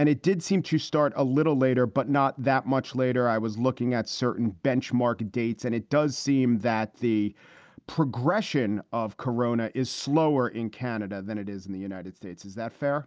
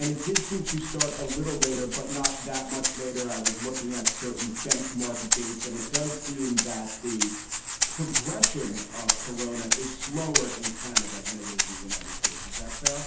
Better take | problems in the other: first | background sound (Rattle (instrument)); 4 dB above the speech // room echo; dies away in 1.2 s

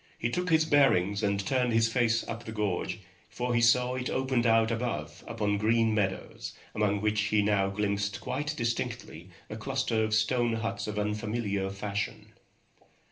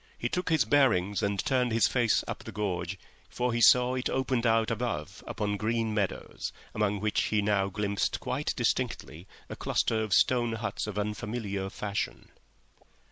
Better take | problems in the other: second | room echo; dies away in 0.3 s

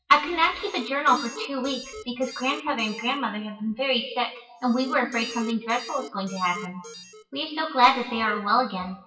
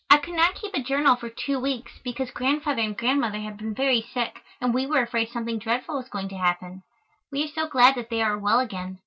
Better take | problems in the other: second | noise reduction (classical method WPE with log-MMSE)

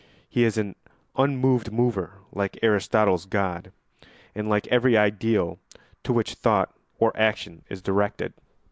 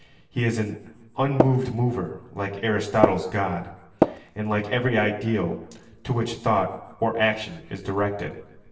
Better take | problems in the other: first | background sound (Tap); 3 dB above the speech // room echo; dies away in 0.8 s

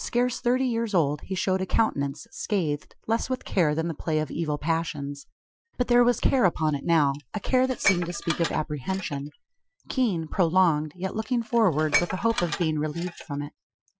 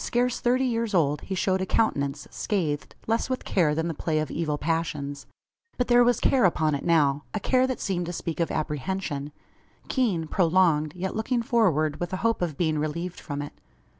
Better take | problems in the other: second | noise reduction (classical method Wiener filter)

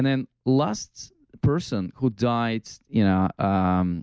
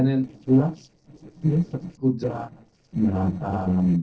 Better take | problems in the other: first | noise reduction (neural separator model SepFormer DNS4)

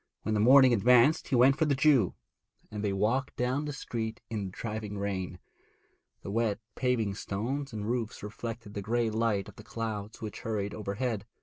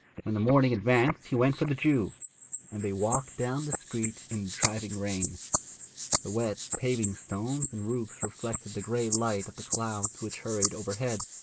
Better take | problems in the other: first | noise reduction (neural mask model Resemble Enhance denoiser)

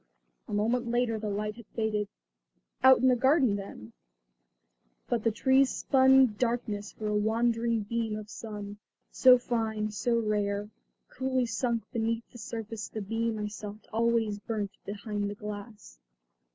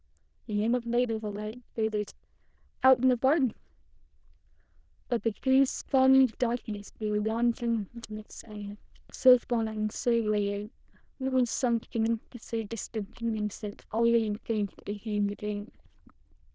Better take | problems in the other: first | noise reduction (neural diffusion model UNIVERSE++)

